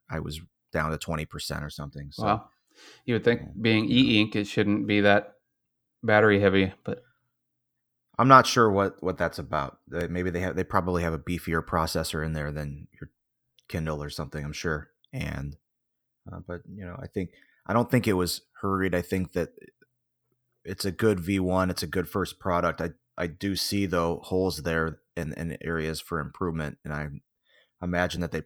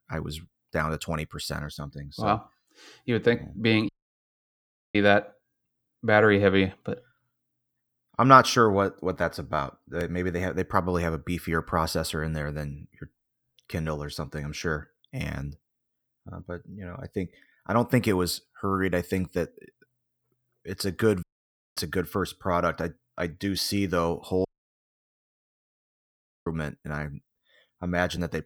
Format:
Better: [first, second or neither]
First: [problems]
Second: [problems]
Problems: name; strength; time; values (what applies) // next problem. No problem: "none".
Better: first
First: none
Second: audio cutting out; at 4 s for 1 s, at 21 s for 0.5 s and at 24 s for 2 s